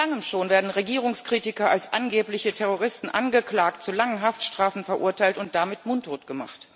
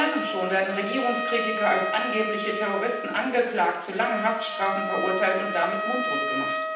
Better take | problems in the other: first | background sound (Trumpet); 3 dB below the speech // room echo; dies away in 0.9 s

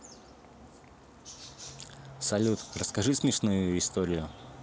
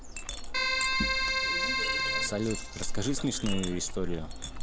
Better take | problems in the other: first | background sound (Chink, clink + Keyboard (musical)); 5 dB above the speech

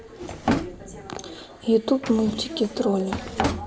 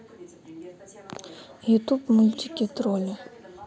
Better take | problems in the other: second | background sound (Drawer open or close); 5 dB below the speech // room echo; dies away in 2.3 s

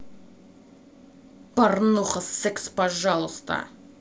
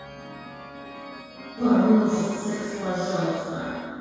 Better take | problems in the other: first | background sound (Organ); 17 dB below the speech // room echo; dies away in 2 s

